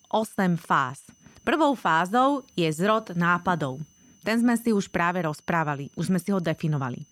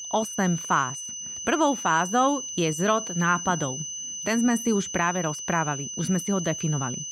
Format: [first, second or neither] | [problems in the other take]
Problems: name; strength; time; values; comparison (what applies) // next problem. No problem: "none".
first | high-pitched whine; loud; throughout; 6 kHz, 6 dB below the speech; faint in the first